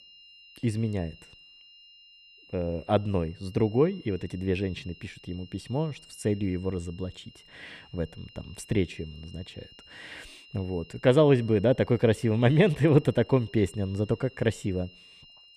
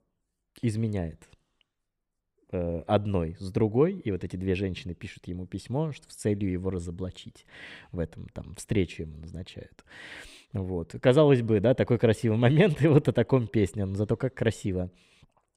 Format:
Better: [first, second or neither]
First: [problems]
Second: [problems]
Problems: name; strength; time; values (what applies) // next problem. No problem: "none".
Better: second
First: high-pitched whine; faint; throughout; 3 kHz, 25 dB below the speech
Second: none